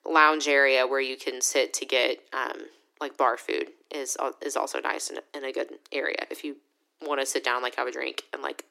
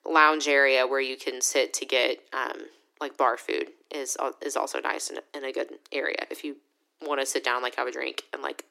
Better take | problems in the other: neither | thin; somewhat; fading below 300 Hz; the same in both

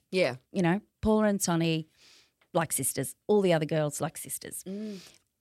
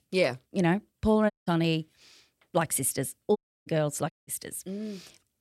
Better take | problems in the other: first | audio cutting out; at 1.5 s, at 3.5 s and at 4 s

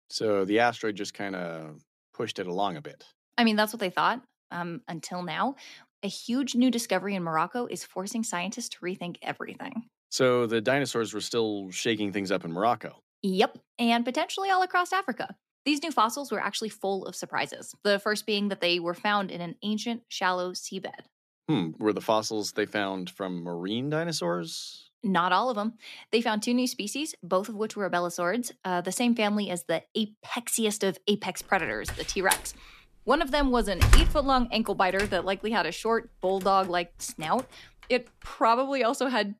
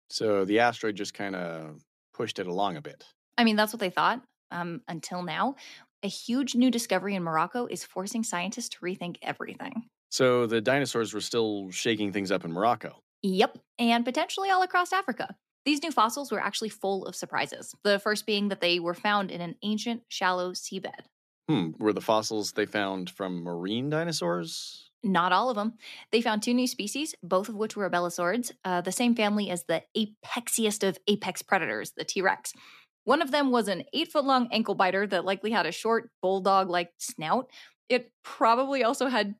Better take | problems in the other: second | door banging; loud; from 32 to 34 s; peak 5 dB above the speech

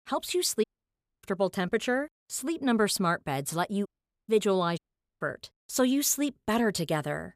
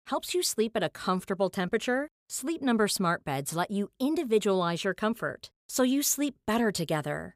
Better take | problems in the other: second | audio cutting out; at 0.5 s for 0.5 s, at 4 s and at 5 s

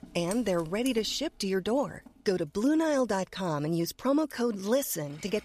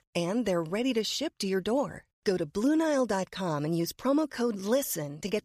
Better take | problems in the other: second | household noises; noticeable; throughout; 20 dB below the speech

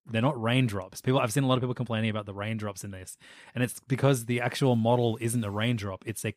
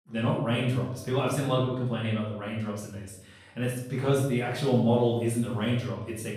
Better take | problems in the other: first | room echo; noticeable; dies away in 0.7 s // off-mic speech; far

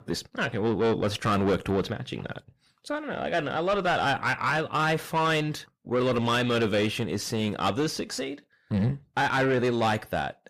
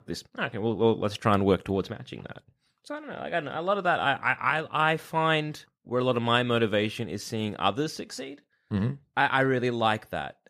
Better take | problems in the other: second | distortion; heavy; 6 dB below the speech

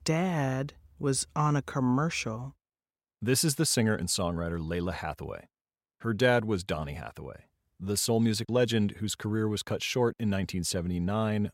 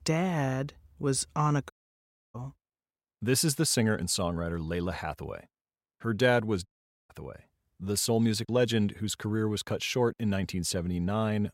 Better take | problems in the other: first | audio cutting out; at 1.5 s for 0.5 s and at 6.5 s

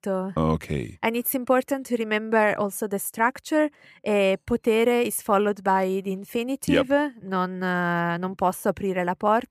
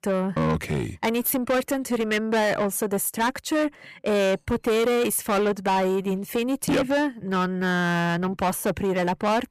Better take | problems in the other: first | distortion; heavy; 8 dB below the speech

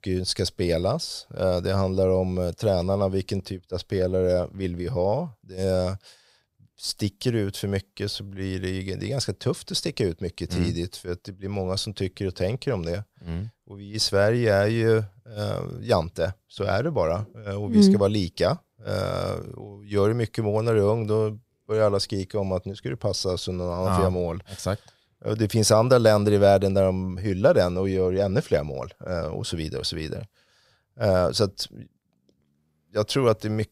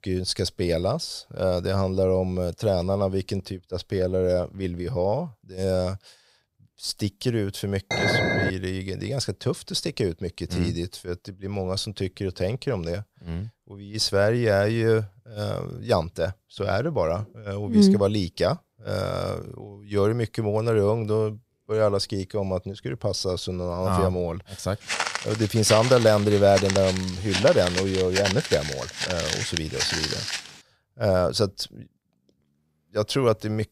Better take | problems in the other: first | clattering dishes; loud; at 8 s; peak 3 dB above the speech // footsteps; loud; from 25 to 30 s; peak level with the speech

